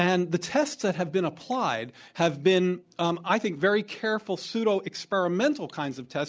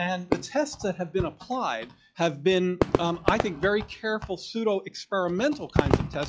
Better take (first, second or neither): first